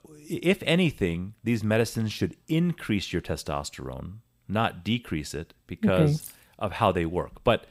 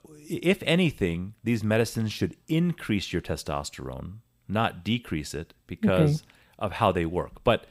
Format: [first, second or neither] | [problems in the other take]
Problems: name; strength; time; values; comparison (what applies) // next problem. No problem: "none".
second | jangling keys; faint; at 6 s; peak 15 dB below the speech